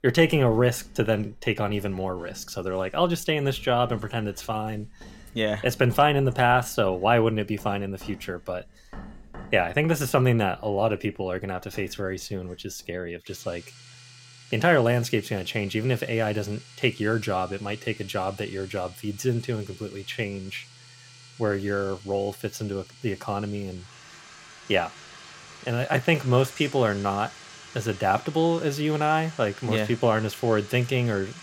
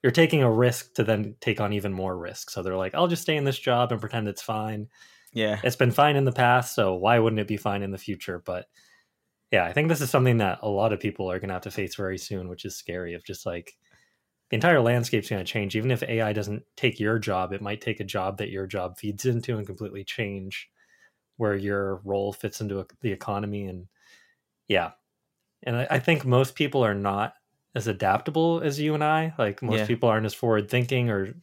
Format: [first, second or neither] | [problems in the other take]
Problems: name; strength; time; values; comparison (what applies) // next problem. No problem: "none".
second | household noises; faint; throughout; 20 dB below the speech